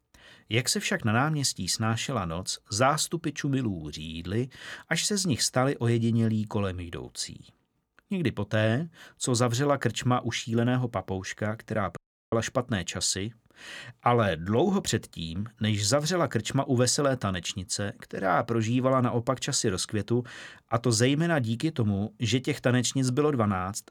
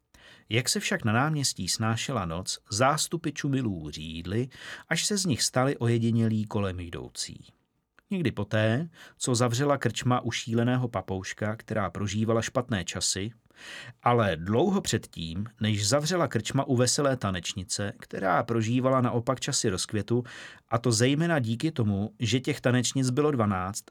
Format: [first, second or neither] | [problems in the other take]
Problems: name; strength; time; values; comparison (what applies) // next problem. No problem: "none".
second | audio cutting out; at 12 s